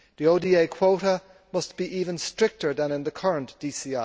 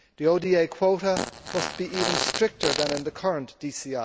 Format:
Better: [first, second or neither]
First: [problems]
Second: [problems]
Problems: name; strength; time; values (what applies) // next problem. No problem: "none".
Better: first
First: none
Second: background sound (Fart); 4 dB below the speech